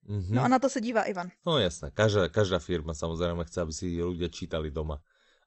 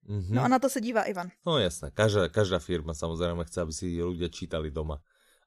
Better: second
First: garbled, watery; slightly; nothing above 8 kHz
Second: none

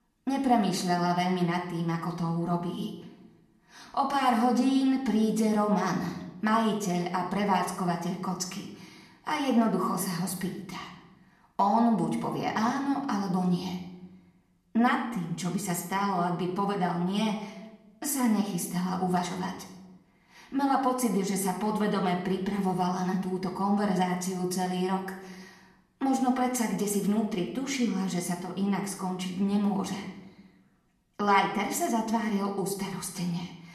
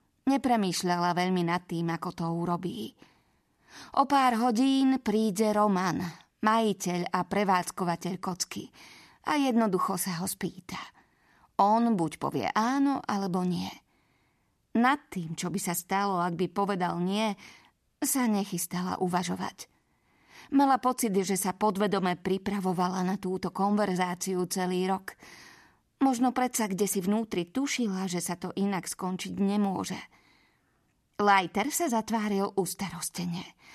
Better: second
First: room echo; slight; dies away in 0.7 s // off-mic speech; far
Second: none

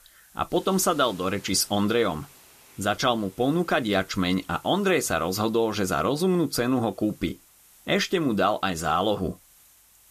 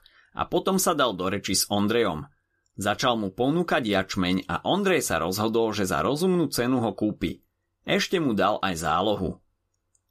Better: second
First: hiss; faint; throughout; 25 dB below the speech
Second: none

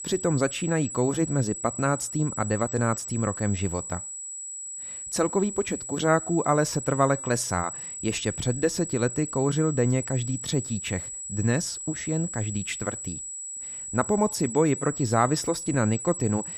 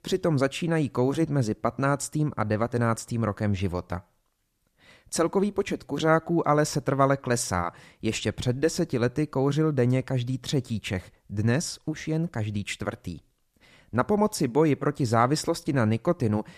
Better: second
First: high-pitched whine; loud; throughout; 8 kHz, 7 dB below the speech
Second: none

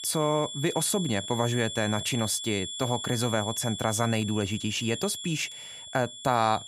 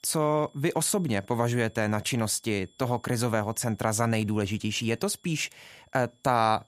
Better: second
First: high-pitched whine; loud; throughout; 3.5 kHz, 7 dB below the speech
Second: high-pitched whine; faint; throughout; 3.5 kHz, 35 dB below the speech

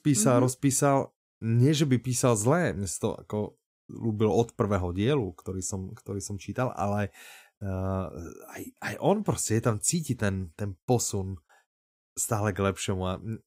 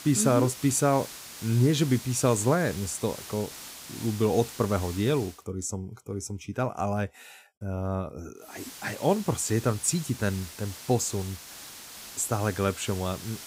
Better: first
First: none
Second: hiss; noticeable; until 5.5 s and from 8.5 s on; 15 dB below the speech

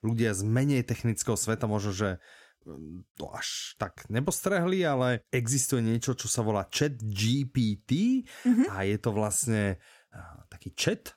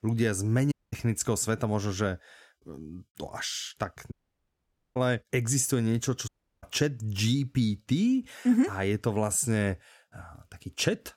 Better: first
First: none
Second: audio cutting out; at 0.5 s, at 4 s for 1 s and at 6.5 s

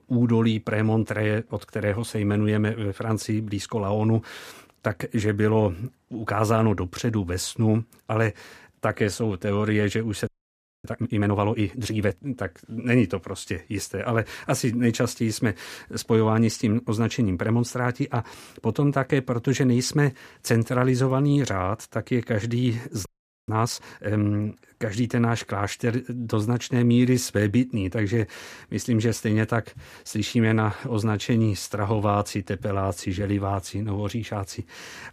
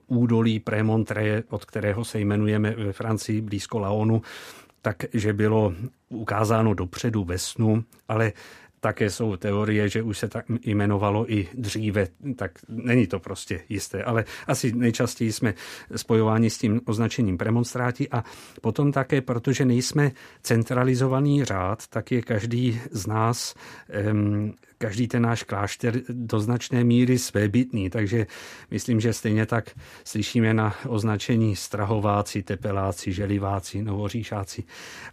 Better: second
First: audio freezing; at 10 s for 0.5 s and at 23 s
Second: none

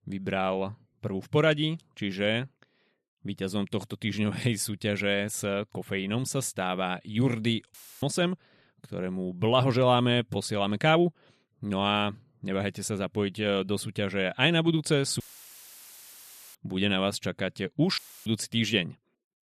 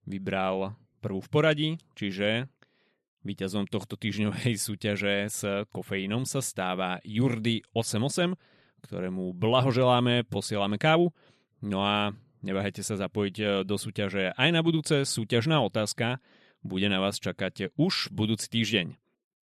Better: second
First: audio cutting out; filled with static; at 7.5 s, at 15 s for 1.5 s and at 18 s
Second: none

